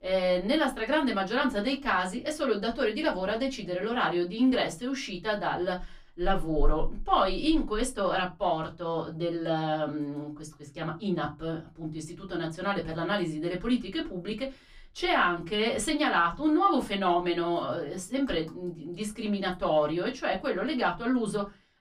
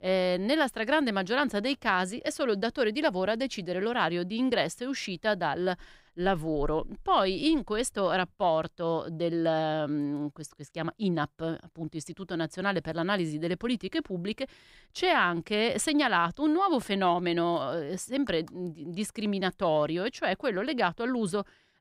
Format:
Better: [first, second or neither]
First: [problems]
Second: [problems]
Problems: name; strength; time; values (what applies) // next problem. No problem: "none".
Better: second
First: off-mic speech; far // room echo; very slight; dies away in 0.2 s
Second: none